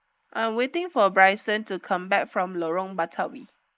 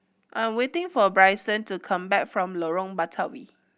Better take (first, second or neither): second